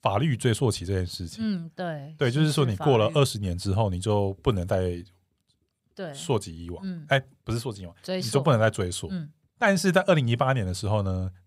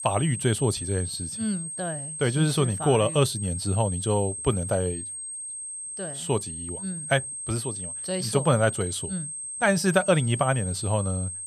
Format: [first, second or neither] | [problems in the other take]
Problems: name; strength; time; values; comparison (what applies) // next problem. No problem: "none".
first | high-pitched whine; loud; throughout; 8.5 kHz, 6 dB below the speech